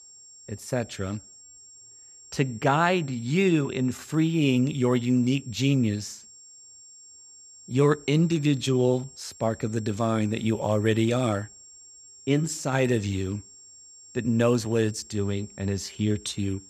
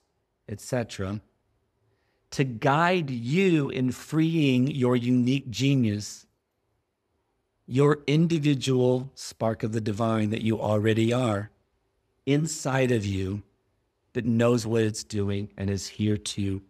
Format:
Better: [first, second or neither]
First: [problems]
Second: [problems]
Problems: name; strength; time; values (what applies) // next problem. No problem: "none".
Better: second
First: high-pitched whine; faint; throughout; 7.5 kHz, 20 dB below the speech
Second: none